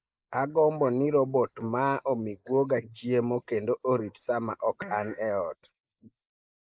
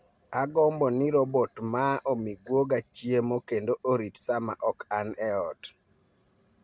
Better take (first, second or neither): second